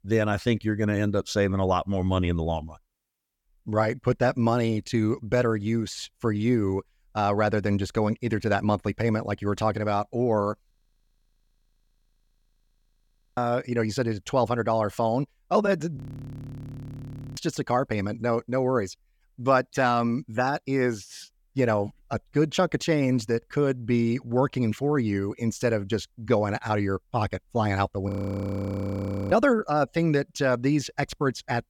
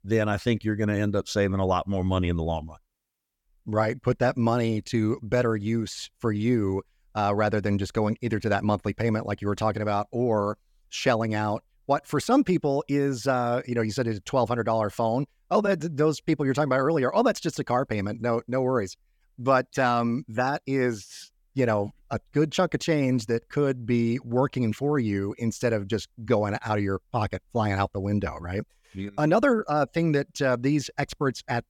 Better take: second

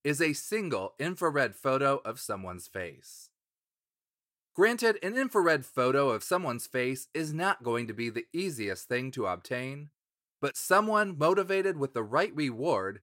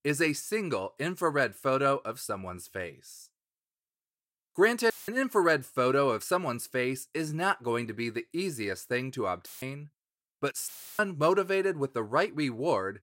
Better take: first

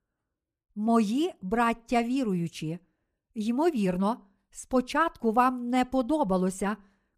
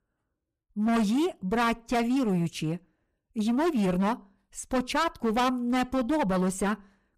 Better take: first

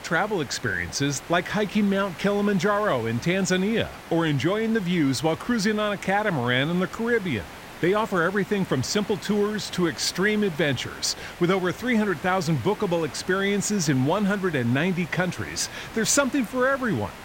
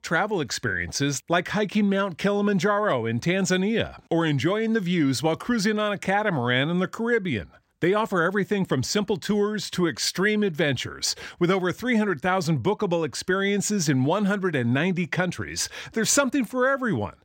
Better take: second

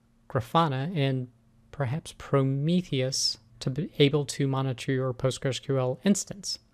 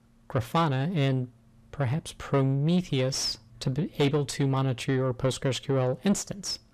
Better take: first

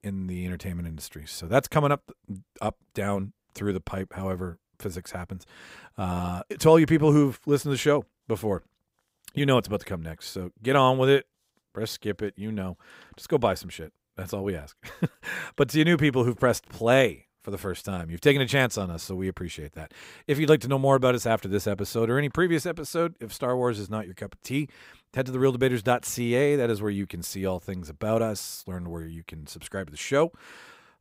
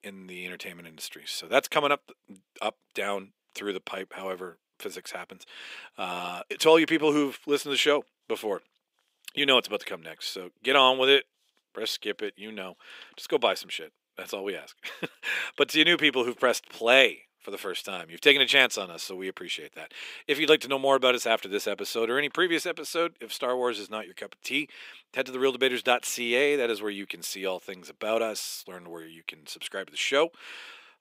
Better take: first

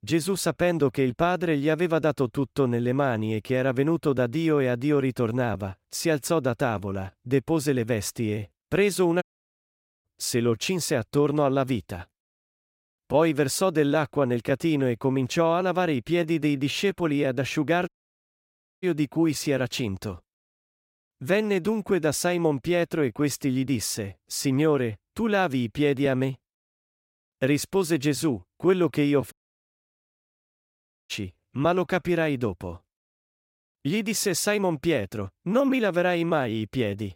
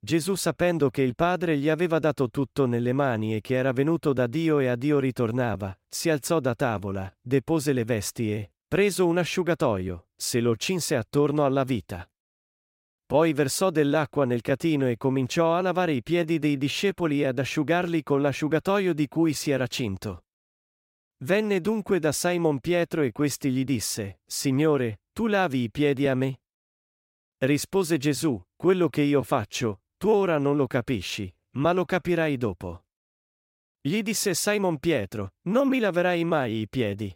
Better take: second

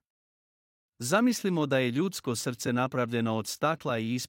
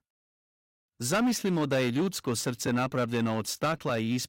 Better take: first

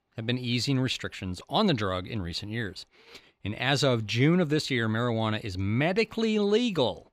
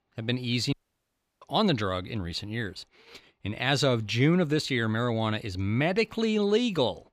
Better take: first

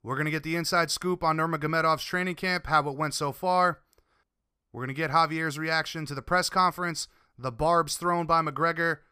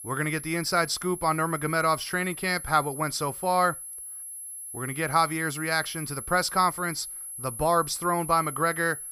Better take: first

